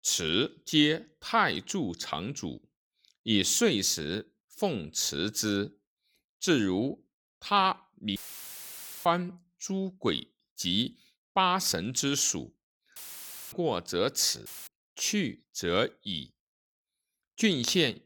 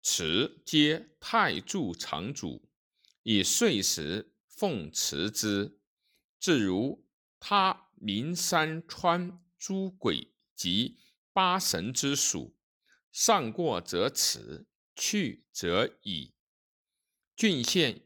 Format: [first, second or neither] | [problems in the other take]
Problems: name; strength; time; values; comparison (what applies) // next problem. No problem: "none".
second | audio cutting out; filled with static; at 8 s for 1 s, at 13 s for 0.5 s and at 14 s